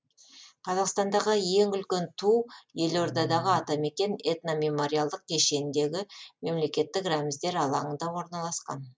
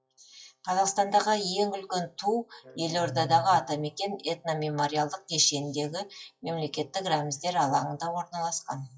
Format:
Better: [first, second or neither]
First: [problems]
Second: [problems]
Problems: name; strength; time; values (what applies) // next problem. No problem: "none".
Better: first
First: none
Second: noise reduction (classical method WPE with log-MMSE)